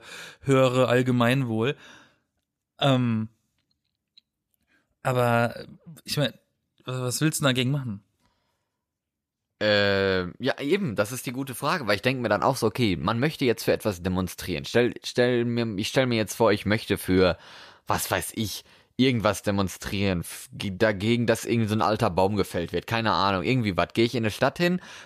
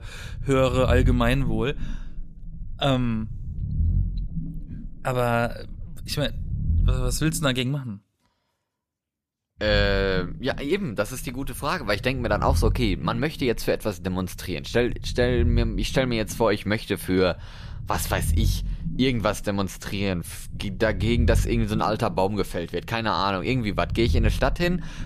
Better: first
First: none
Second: low rumble; noticeable; until 7.5 s and from 9.5 s on; 20 dB below the speech

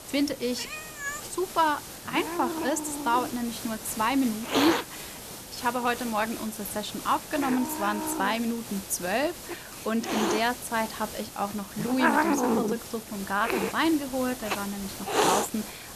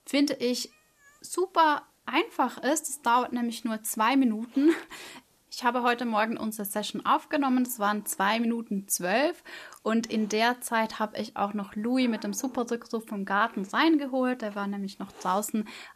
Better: second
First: hiss; loud; throughout; 3 dB below the speech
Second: hiss; faint; throughout; 30 dB below the speech

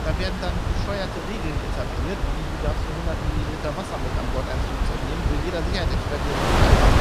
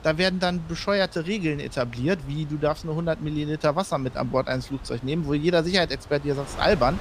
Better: second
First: wind noise on the microphone; heavy; 4 dB above the speech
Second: wind noise on the microphone; occasional gusts; 20 dB below the speech

